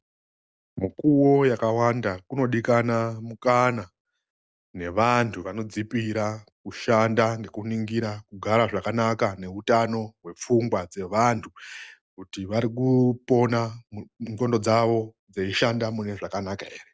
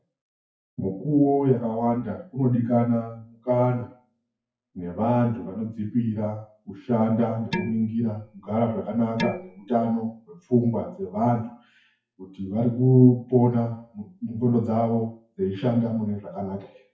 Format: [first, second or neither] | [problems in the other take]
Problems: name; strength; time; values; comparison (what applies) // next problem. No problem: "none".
first | noise reduction (classical method WPE with log-MMSE)